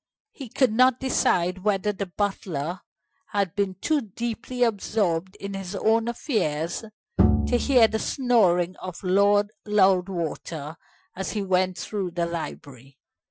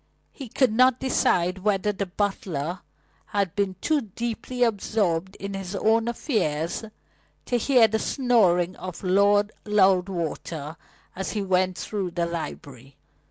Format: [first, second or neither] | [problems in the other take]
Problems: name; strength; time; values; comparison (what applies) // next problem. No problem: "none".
second | noise reduction (classical method Wiener filter)